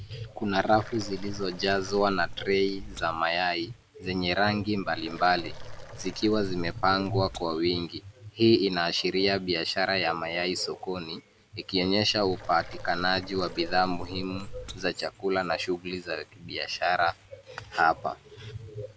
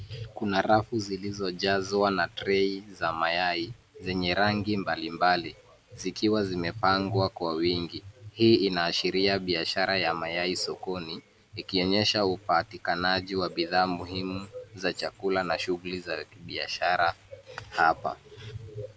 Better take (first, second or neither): second